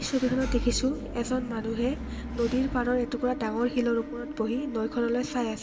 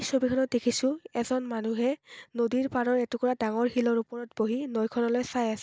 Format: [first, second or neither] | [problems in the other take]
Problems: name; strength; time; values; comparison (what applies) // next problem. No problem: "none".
second | background sound (Engine / Mechanisms); 7 dB below the speech // room echo; dies away in 1.1 s